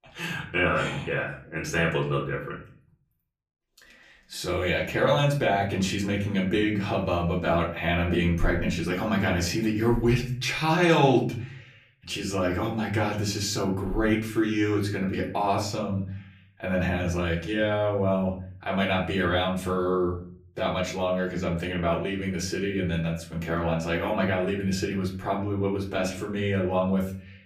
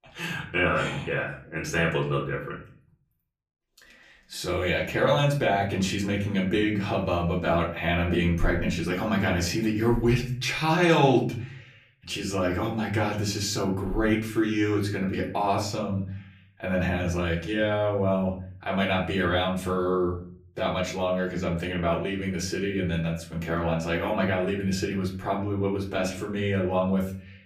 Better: neither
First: off-mic speech; far // room echo; slight; dies away in 0.5 s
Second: off-mic speech; far // room echo; slight; dies away in 0.5 s

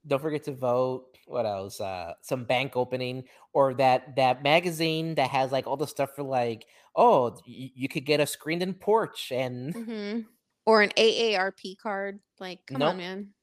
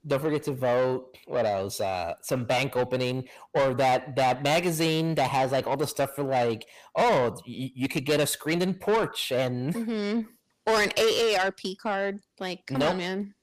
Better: first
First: none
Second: distortion; heavy; 7 dB below the speech

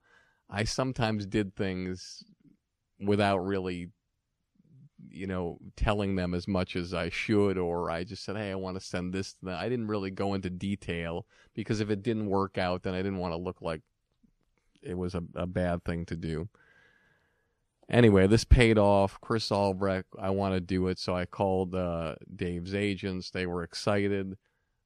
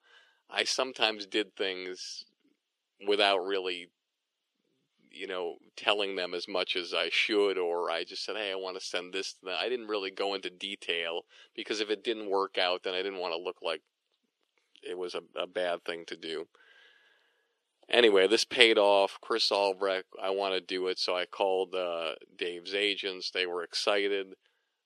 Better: first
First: none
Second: thin; very; fading below 350 Hz

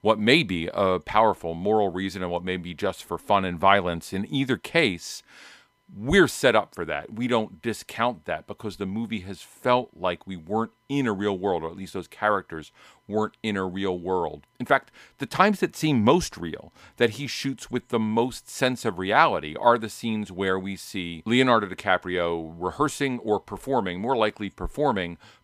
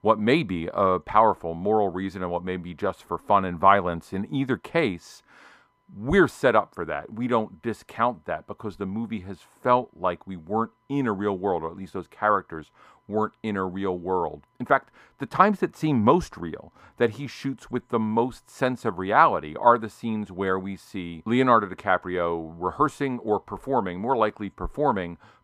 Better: first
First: none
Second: muffled; slightly; fading above 2 kHz

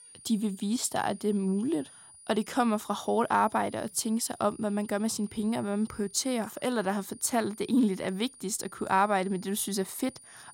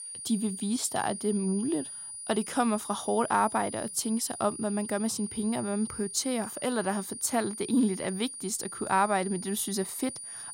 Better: first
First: high-pitched whine; faint; throughout; 9.5 kHz, 20 dB below the speech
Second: high-pitched whine; loud; throughout; 9.5 kHz, 8 dB below the speech

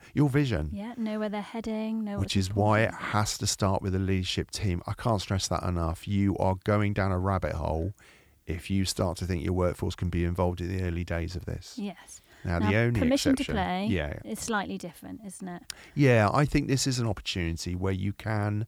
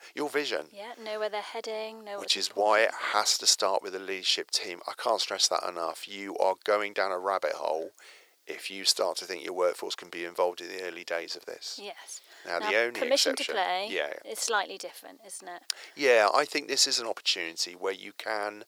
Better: first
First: none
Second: thin; very; fading below 450 Hz

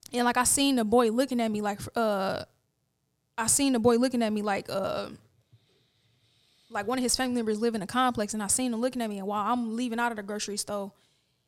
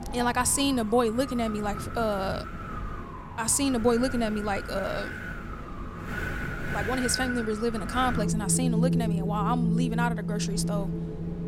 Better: first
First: none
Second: wind in the background; loud; throughout; 4 dB below the speech

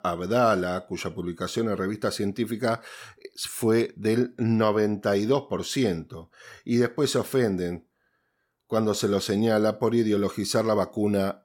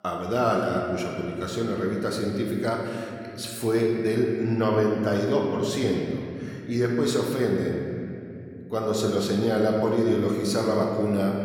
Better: first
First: none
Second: room echo; noticeable; dies away in 2.6 s // off-mic speech; somewhat distant

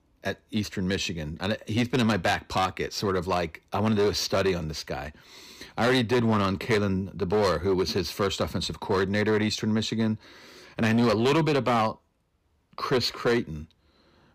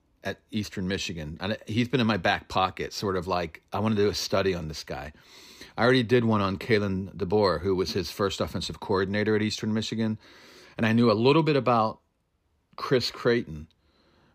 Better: second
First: distortion; slight; 7% of the sound clipped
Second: none

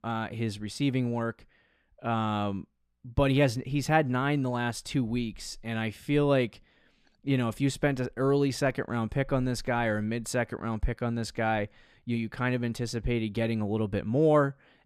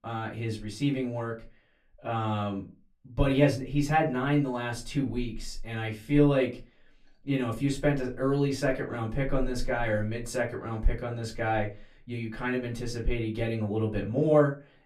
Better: first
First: none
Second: off-mic speech; far // room echo; very slight; dies away in 0.2 s

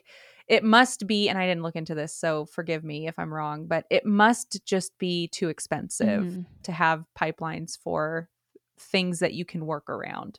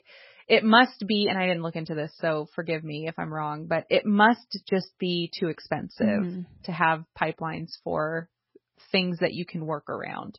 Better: first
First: none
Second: garbled, watery; badly; nothing above 5.5 kHz

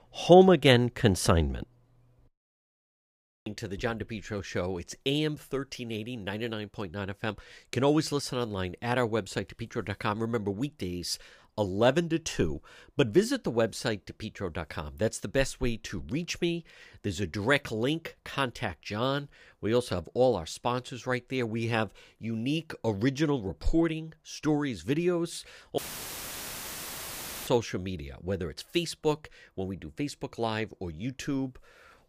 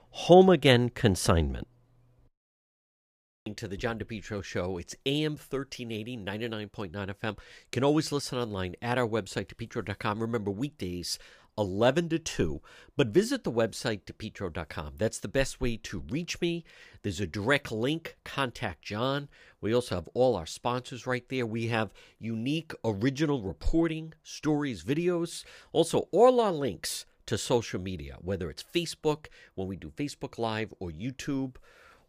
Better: second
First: audio cutting out; filled with static; at 26 s for 1.5 s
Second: none

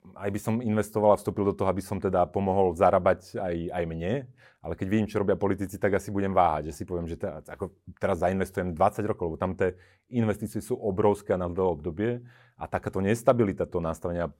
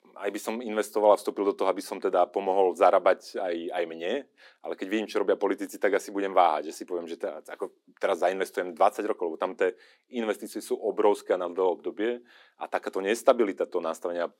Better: first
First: none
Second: thin; somewhat; fading below 250 Hz

